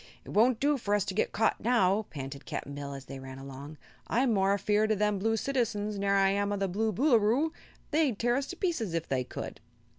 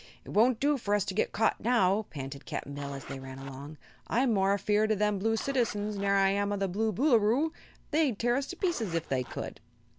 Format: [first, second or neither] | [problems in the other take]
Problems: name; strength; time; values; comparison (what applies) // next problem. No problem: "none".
first | background sound (Zipper (clothing)); 17 dB below the speech